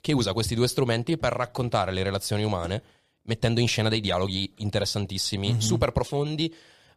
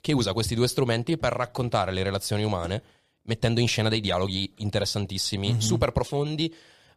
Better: neither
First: none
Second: none

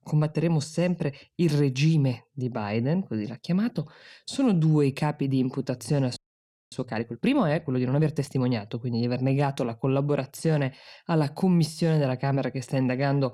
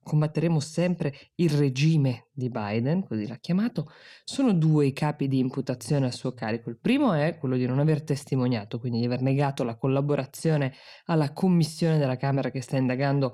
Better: second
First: audio freezing; at 6 s for 0.5 s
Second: none

